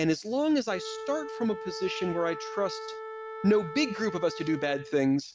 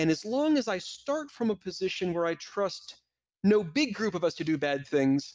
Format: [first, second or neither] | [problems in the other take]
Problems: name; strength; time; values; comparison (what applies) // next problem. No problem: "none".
second | background sound (Wind instrument, woodwind instrument); 11 dB below the speech